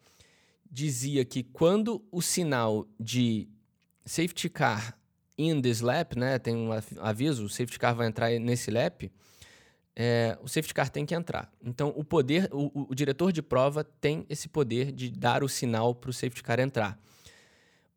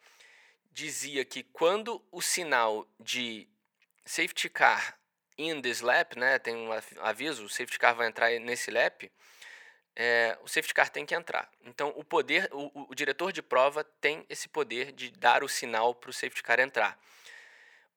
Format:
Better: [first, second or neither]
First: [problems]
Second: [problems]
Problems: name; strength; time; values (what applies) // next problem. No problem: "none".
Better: first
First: none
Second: thin; very; fading below 550 Hz